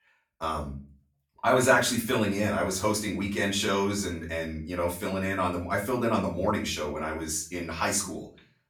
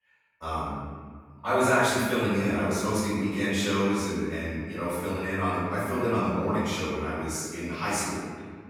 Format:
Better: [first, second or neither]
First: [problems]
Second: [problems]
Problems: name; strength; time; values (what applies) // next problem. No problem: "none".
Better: first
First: room echo; slight; dies away in 0.3 s // off-mic speech; far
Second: room echo; strong; dies away in 1.8 s // off-mic speech; far